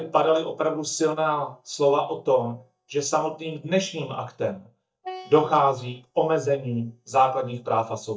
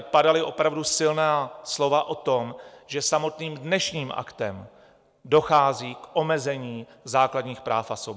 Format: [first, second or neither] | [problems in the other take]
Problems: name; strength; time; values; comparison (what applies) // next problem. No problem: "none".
second | noise reduction (neural mask model DeepFilterNet 3)